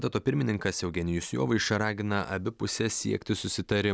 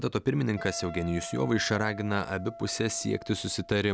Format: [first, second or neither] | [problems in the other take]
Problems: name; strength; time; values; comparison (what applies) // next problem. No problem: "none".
first | background sound (Wind instrument, woodwind instrument); 15 dB below the speech